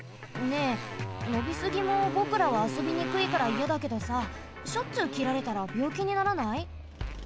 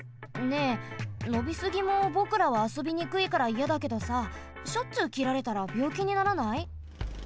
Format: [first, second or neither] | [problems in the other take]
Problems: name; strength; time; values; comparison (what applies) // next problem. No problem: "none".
second | background sound (Motorcycle); 8 dB below the speech